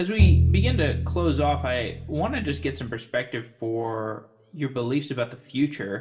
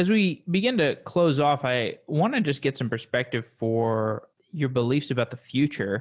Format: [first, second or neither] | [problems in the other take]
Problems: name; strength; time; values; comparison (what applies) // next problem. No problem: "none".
second | background sound (Bowed string instrument); 5 dB above the speech // room echo; dies away in 0.5 s